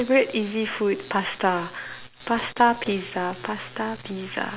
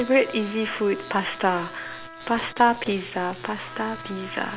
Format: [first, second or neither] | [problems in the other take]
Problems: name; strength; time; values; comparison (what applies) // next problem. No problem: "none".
first | background sound (Trumpet); 17 dB below the speech